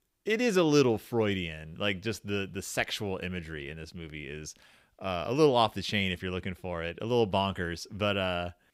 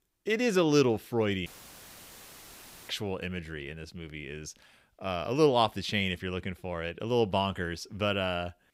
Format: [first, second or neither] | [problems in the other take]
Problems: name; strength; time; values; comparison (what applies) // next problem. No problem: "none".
first | audio cutting out; filled with static; at 1.5 s for 1.5 s